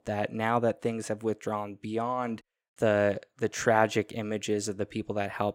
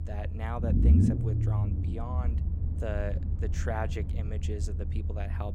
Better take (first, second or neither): first